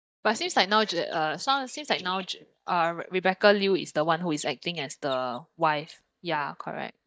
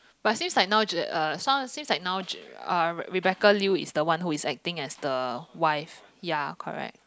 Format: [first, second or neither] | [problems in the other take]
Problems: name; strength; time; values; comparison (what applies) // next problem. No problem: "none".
second | noise reduction (neural mask model DeepFilterNet 3)